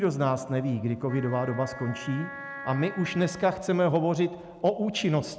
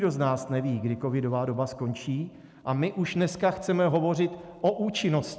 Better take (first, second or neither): second